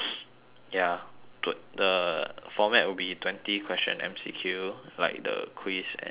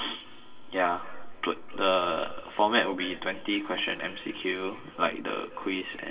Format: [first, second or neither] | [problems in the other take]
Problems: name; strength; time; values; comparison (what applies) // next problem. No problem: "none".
first | room echo; dies away in 2.5 s